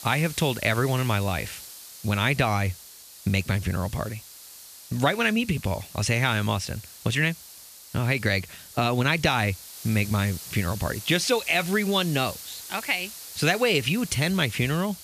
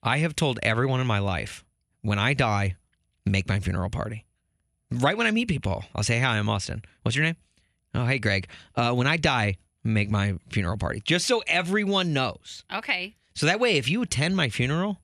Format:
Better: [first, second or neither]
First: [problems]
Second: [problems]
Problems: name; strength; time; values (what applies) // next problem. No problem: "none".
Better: second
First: hiss; noticeable; throughout; 15 dB below the speech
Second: none